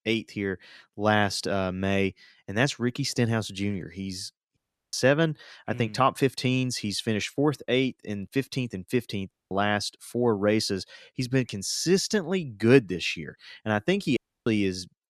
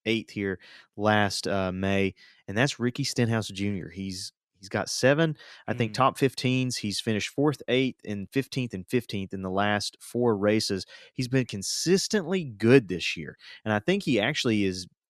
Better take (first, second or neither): second